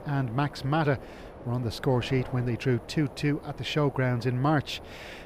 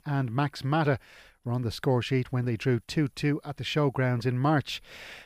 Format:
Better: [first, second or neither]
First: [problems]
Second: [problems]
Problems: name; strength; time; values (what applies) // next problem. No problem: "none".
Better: second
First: wind noise on the microphone; occasional gusts; 15 dB below the speech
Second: none